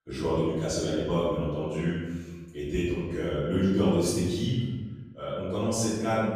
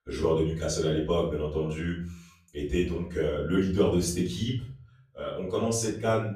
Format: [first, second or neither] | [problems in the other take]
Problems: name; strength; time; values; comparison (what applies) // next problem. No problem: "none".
second | room echo; strong; dies away in 1.2 s; slight in the second // off-mic speech; far; far in the second